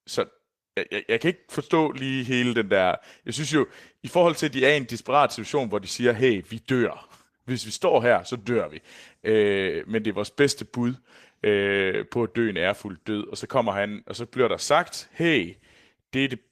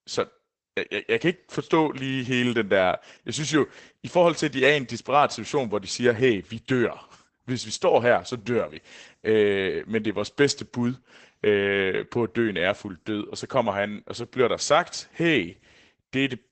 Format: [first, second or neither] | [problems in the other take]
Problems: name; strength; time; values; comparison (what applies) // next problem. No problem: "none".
first | garbled, watery; badly; nothing above 8 kHz; slightly in the first